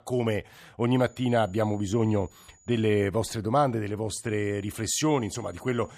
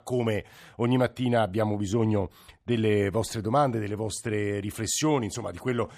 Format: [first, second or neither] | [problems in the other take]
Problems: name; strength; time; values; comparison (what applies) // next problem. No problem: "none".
second | high-pitched whine; faint; from 1 to 3 s and from 4 s on; 7 kHz, 30 dB below the speech